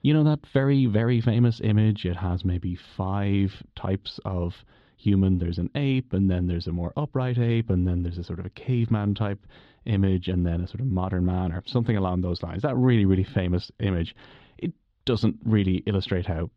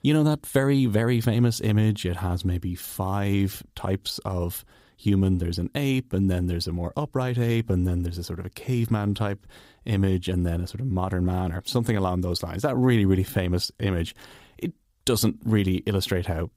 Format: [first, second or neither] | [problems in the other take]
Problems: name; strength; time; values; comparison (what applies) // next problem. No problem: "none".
second | muffled; very slightly; fading above 3.5 kHz